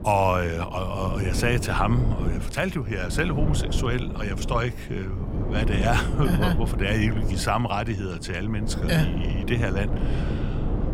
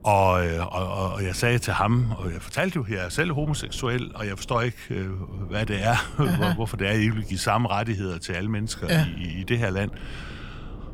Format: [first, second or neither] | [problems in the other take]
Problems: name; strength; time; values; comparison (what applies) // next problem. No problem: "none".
second | low rumble; loud; throughout; 9 dB below the speech; faint in the second